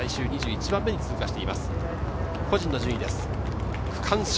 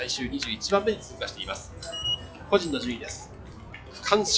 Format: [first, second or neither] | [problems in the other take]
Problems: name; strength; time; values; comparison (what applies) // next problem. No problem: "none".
first | noise reduction (classical method log-MMSE)